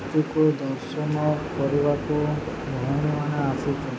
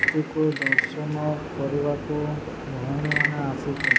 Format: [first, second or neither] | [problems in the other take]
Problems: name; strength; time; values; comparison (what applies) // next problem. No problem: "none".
first | background sound (Wood / Percussion / Frog); 1 dB below the speech